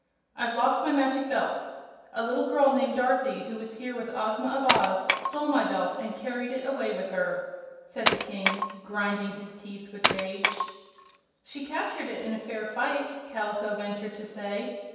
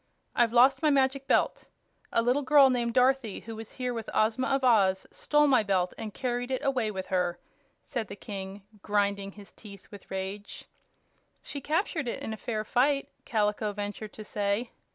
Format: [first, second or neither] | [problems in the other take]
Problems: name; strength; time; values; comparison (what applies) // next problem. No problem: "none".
second | background sound (Wood); 1 dB below the speech // room echo; dies away in 1.2 s